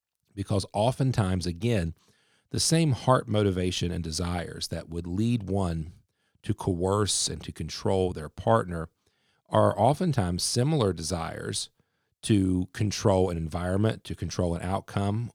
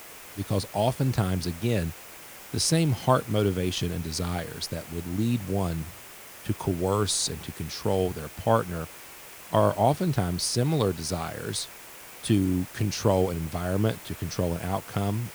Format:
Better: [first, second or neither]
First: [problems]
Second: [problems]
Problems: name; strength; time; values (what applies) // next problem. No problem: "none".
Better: first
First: none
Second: hiss; noticeable; throughout; 15 dB below the speech